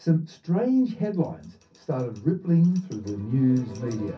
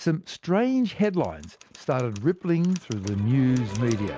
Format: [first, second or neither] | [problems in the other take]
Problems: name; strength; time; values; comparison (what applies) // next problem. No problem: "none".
second | room echo; dies away in 0.3 s